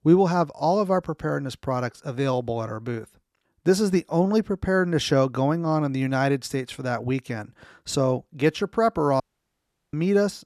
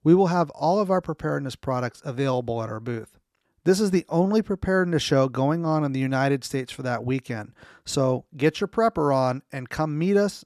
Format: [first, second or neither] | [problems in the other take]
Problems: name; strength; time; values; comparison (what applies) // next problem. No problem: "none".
second | audio cutting out; at 9 s for 0.5 s